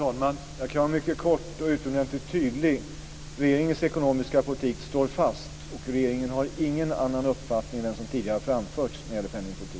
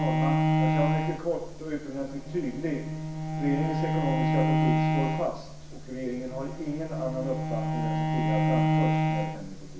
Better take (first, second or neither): first